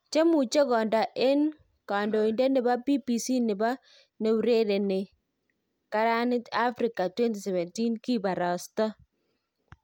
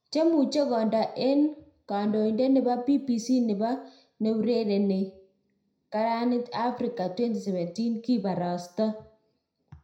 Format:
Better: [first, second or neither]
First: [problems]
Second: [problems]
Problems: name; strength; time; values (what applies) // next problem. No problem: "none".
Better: first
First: none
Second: room echo; dies away in 0.5 s